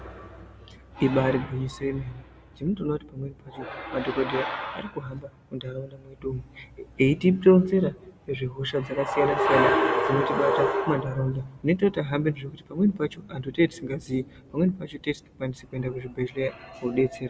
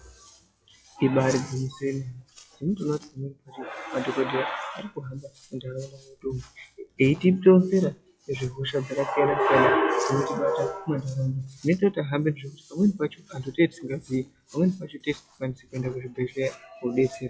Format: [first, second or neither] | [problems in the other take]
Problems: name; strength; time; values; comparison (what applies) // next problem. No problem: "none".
first | noise reduction (classical method log-MMSE)